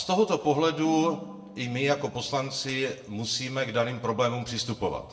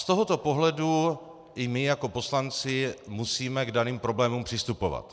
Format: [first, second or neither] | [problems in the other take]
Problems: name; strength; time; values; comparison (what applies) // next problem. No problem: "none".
second | background sound (Ringtone); 17 dB below the speech // room echo; dies away in 0.5 s